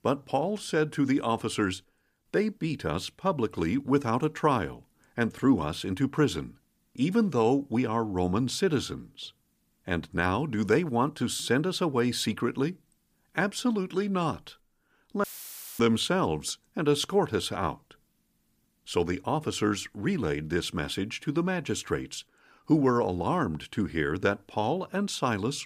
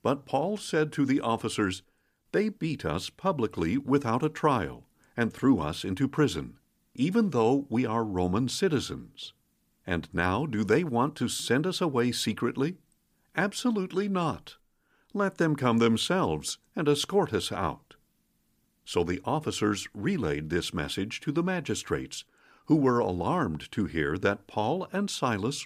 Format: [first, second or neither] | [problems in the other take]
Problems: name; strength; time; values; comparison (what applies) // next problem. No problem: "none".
second | audio cutting out; filled with static; at 15 s for 0.5 s